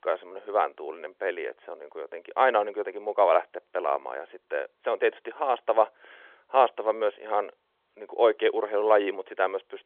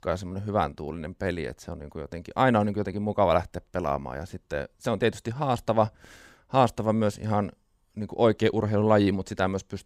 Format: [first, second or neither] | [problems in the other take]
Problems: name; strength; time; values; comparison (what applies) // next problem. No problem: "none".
second | phone-call audio; nothing above 3.5 kHz